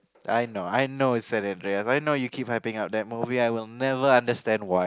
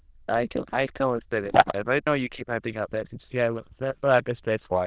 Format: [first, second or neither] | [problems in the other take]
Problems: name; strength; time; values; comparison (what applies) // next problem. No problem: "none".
first | noise reduction (neural diffusion model UNIVERSE++)